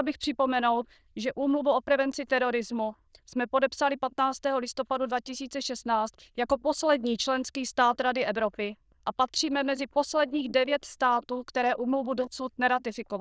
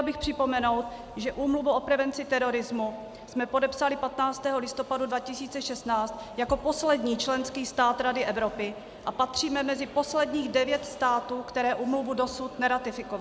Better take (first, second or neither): second